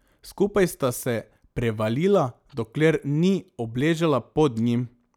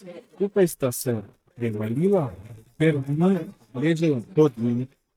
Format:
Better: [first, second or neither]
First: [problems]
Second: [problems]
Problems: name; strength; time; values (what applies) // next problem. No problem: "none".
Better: first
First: none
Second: noise reduction (neural mask model DeepFilterNet 3)